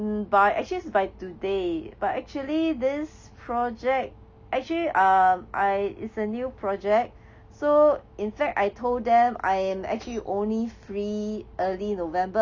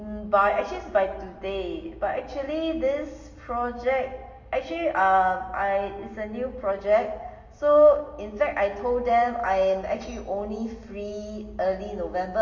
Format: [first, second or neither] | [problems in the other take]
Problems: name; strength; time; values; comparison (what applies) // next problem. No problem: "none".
first | room echo; dies away in 1 s